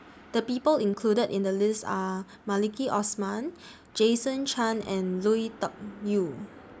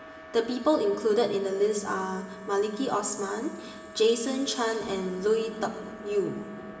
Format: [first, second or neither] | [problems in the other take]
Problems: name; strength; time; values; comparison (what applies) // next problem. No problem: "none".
first | background sound (Wind instrument, woodwind instrument); 18 dB below the speech // room echo; dies away in 2.7 s